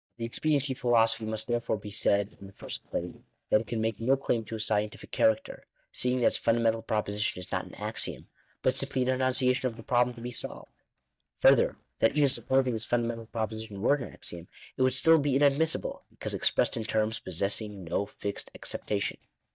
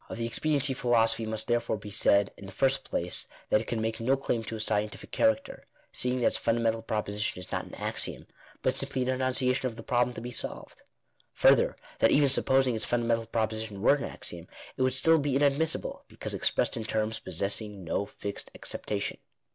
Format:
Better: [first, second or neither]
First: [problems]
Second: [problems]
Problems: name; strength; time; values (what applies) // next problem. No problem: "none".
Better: second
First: noise reduction (neural mask model DeepFilterNet 3)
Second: none